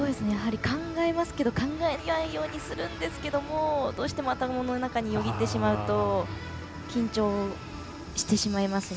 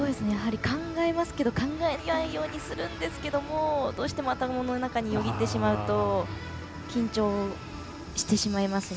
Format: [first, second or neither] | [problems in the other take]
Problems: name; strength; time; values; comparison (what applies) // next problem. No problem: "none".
first | background sound (Bowed string instrument); 17 dB below the speech